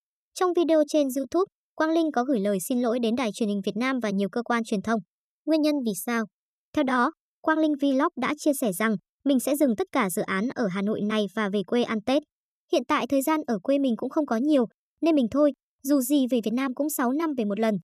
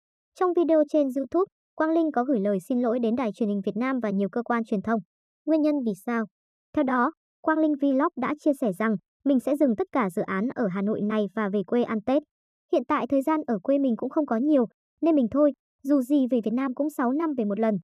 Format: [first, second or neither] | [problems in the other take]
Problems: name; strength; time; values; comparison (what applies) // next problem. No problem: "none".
first | muffled; very; fading above 2.5 kHz